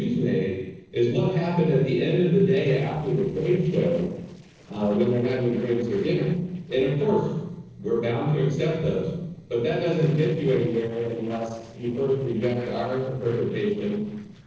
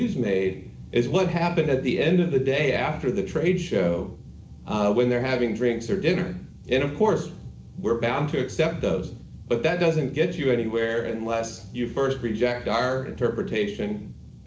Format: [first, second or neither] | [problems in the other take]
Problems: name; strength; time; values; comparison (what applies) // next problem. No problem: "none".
second | noise reduction (neural separator model SepFormer DNS4)